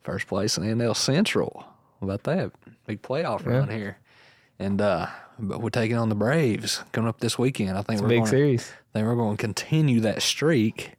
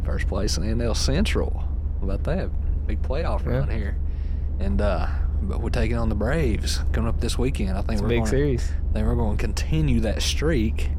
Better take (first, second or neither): first